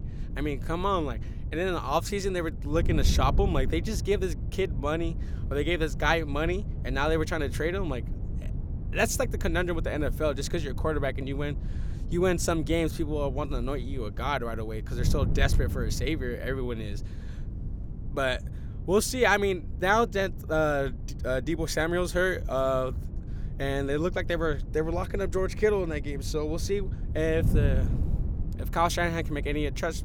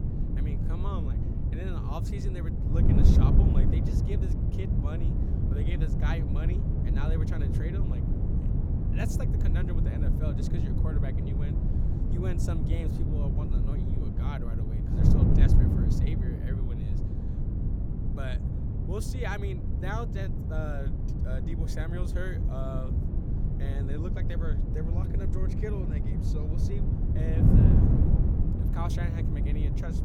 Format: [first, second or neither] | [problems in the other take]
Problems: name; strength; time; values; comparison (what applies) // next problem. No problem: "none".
first | wind noise on the microphone; heavy; 2 dB above the speech; occasional gusts in the first